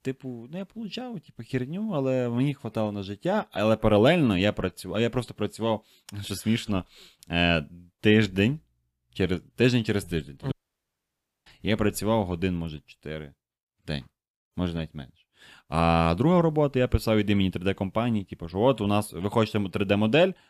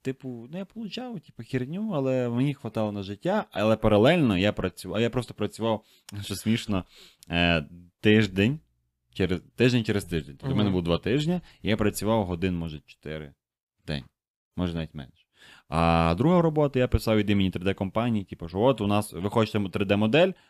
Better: second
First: audio cutting out; at 11 s for 1 s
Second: none

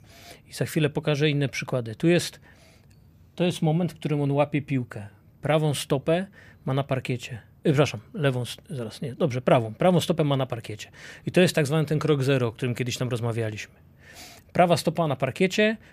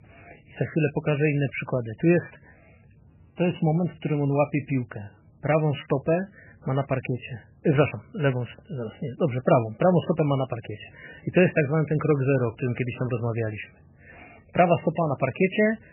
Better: first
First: none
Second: garbled, watery; badly; nothing above 3 kHz

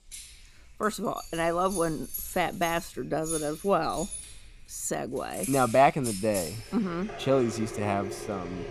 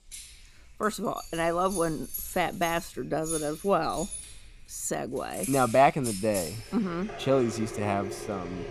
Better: neither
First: household noises; loud; throughout; 10 dB below the speech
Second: household noises; loud; throughout; 10 dB below the speech

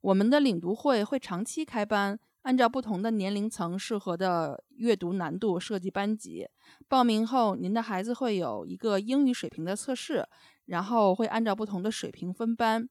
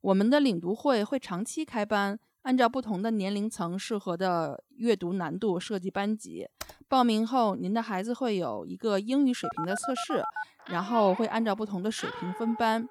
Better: first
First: none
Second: keyboard typing; faint; at 6.5 s; peak 15 dB below the speech // phone ringing; noticeable; from 9.5 s on; peak 6 dB below the speech

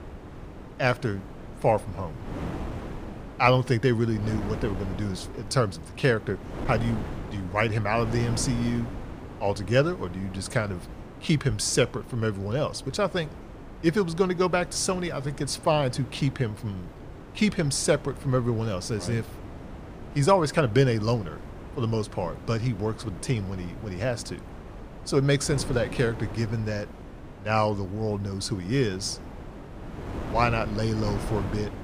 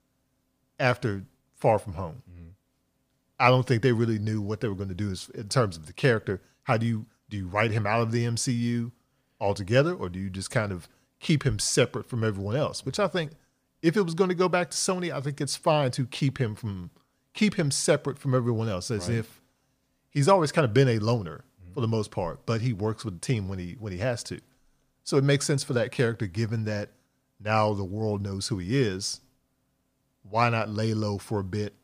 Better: second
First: wind noise on the microphone; occasional gusts; 15 dB below the speech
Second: none

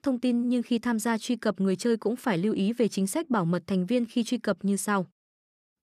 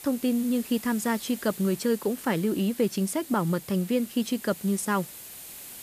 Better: first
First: none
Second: hiss; noticeable; throughout; 15 dB below the speech

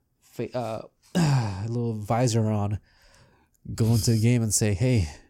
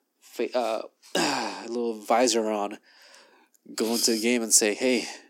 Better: first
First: none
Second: thin; somewhat; fading below 250 Hz

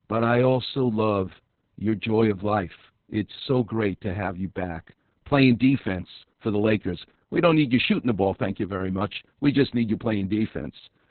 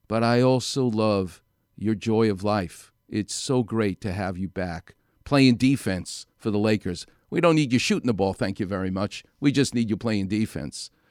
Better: second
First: garbled, watery; badly; nothing above 4 kHz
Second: none

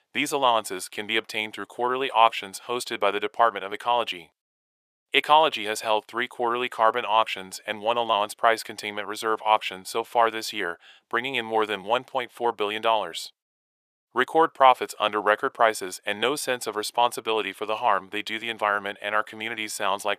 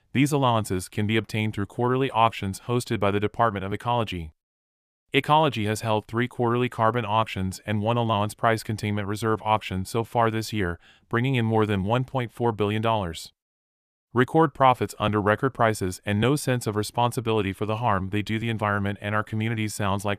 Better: second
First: thin; very; fading below 550 Hz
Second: none

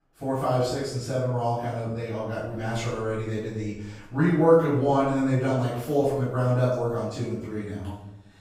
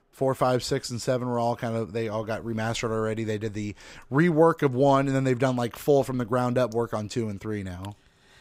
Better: second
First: room echo; noticeable; dies away in 0.7 s // off-mic speech; far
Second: none

